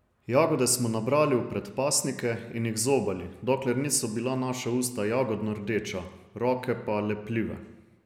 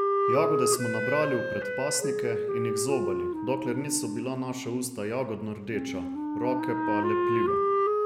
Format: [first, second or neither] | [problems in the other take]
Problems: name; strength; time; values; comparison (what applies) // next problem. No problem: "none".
first | background sound (Wind instrument, woodwind instrument); 3 dB above the speech